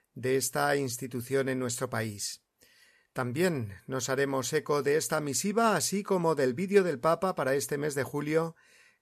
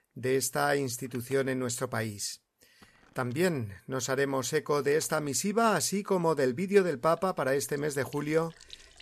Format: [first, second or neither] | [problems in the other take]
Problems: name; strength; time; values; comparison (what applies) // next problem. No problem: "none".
first | household noises; faint; throughout; 25 dB below the speech